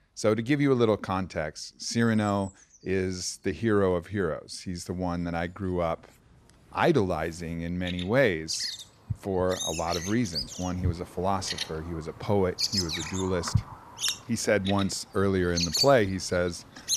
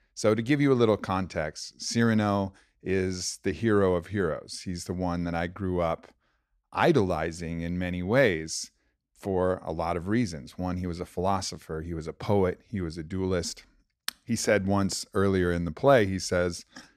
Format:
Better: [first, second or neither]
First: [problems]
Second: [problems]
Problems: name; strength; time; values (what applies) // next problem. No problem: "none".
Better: second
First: animal sounds; loud; throughout; 4 dB below the speech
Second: none